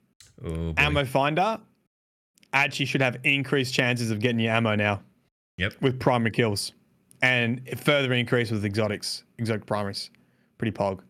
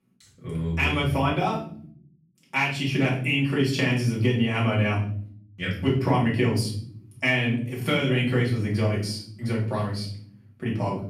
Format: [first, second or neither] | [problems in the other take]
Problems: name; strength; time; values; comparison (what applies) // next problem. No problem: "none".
first | off-mic speech; far // room echo; noticeable; dies away in 0.8 s